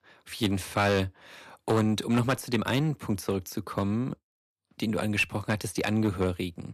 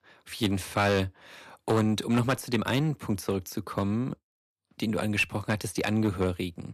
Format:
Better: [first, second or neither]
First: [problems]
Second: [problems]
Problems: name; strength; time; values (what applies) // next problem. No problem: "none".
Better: neither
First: distortion; slight; 4% of the sound clipped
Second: distortion; slight; 4% of the sound clipped